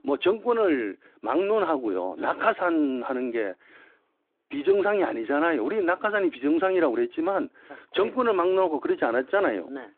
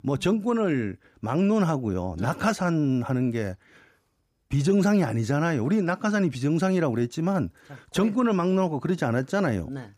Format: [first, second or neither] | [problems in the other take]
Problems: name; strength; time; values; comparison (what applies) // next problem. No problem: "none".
second | phone-call audio